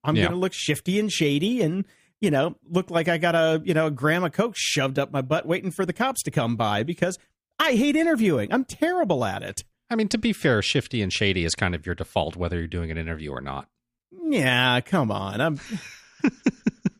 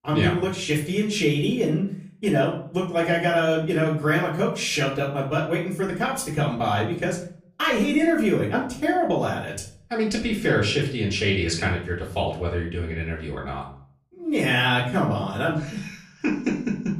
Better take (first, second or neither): first